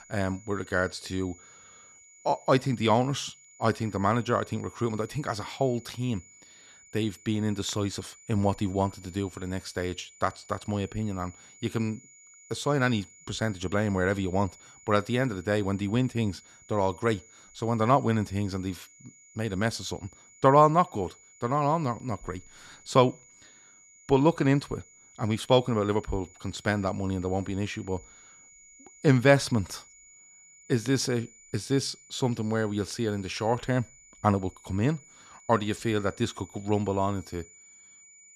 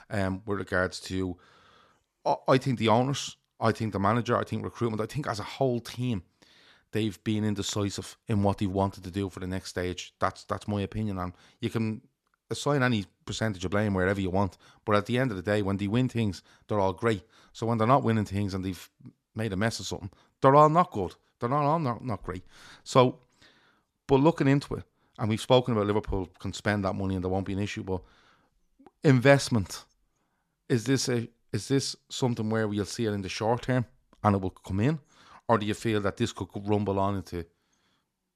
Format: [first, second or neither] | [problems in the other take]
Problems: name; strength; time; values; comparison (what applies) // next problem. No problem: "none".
second | high-pitched whine; faint; throughout; 7 kHz, 25 dB below the speech